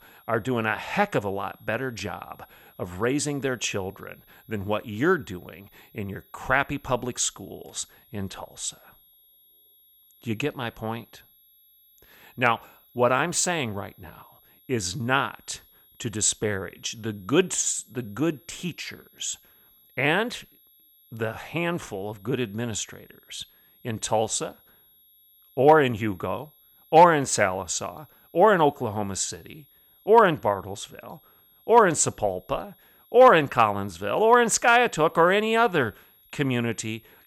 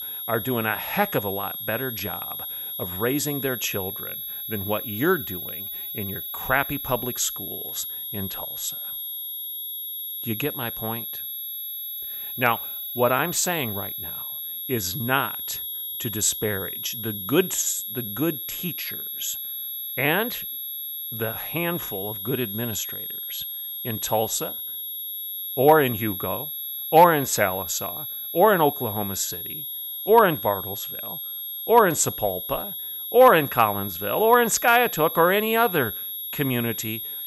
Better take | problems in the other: first | high-pitched whine; loud; throughout; 11.5 kHz, 6 dB below the speech; faint in the first

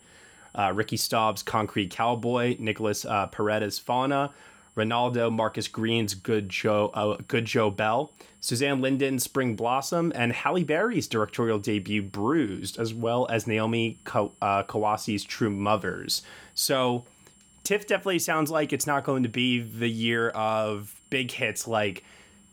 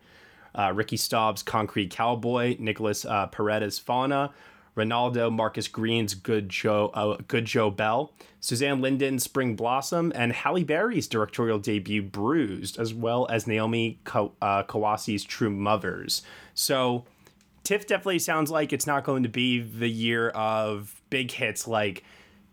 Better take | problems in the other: second | high-pitched whine; faint; throughout; 7.5 kHz, 30 dB below the speech

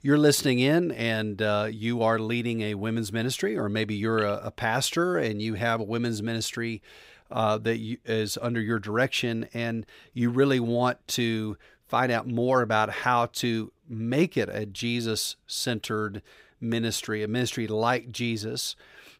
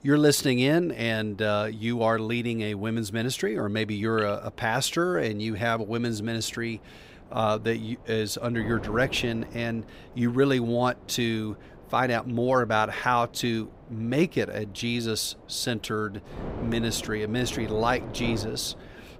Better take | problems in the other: first | wind noise on the microphone; occasional gusts; 20 dB below the speech

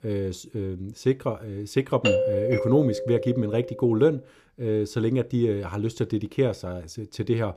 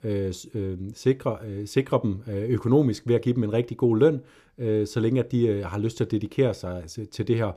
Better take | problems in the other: second | doorbell; loud; from 2 to 3.5 s; peak 3 dB above the speech

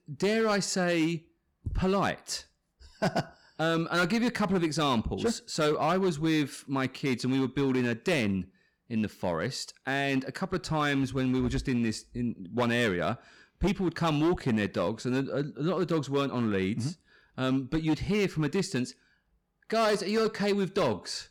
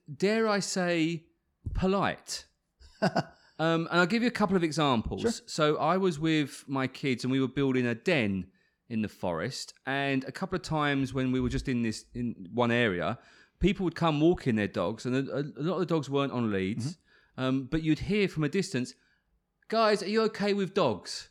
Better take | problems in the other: second | distortion; slight; 7% of the sound clipped

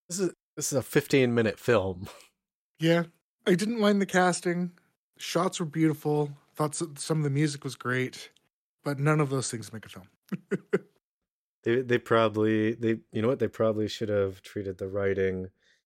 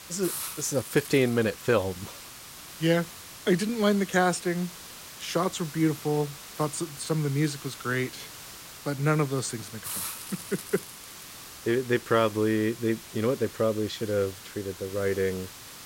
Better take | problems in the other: first | hiss; noticeable; throughout; 10 dB below the speech

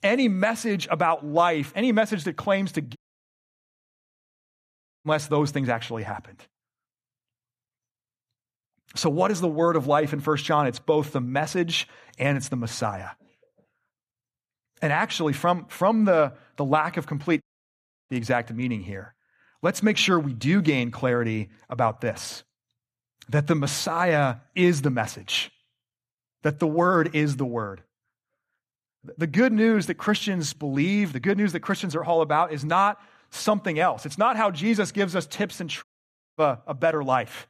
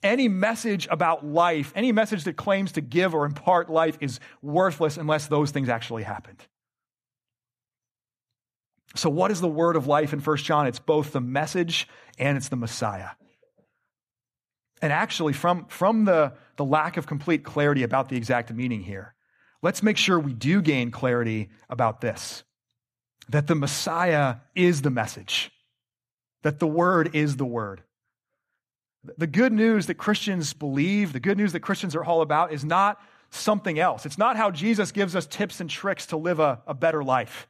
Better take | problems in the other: second | audio cutting out; at 3 s for 2 s, at 17 s for 0.5 s and at 36 s for 0.5 s

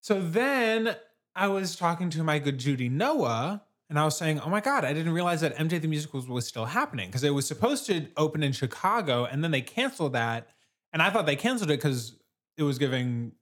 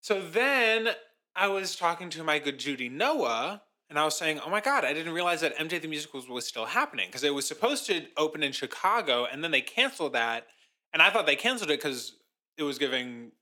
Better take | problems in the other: first | thin; somewhat; fading below 300 Hz

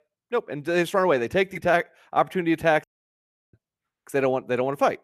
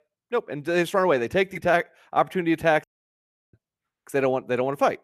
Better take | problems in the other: neither | audio cutting out; at 3 s for 0.5 s; the same in both

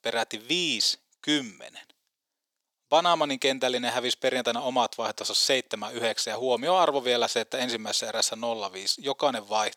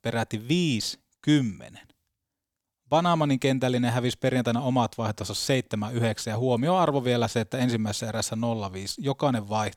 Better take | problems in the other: second | thin; somewhat; fading below 450 Hz

